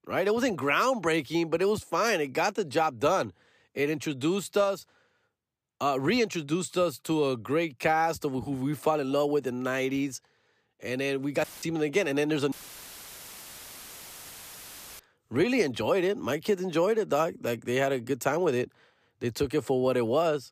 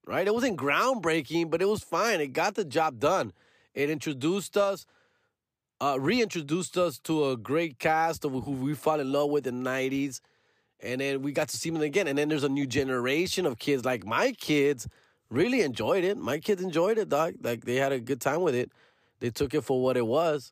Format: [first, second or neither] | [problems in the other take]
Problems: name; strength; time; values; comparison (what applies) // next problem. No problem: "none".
second | audio cutting out; filled with static; at 11 s and at 13 s for 2.5 s